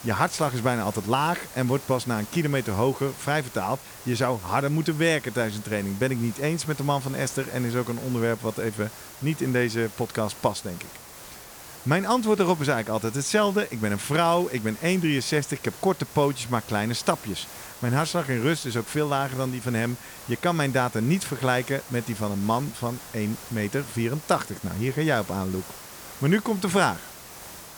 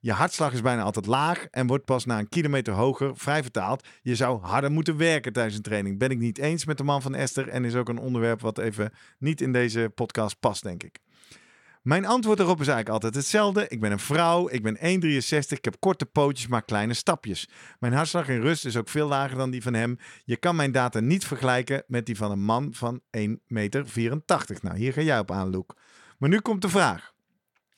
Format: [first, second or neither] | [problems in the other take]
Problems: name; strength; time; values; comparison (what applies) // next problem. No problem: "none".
second | hiss; noticeable; throughout; 15 dB below the speech